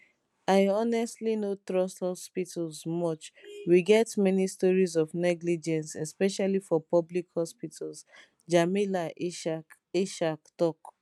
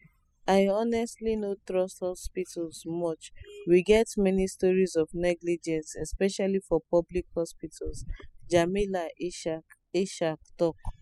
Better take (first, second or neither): first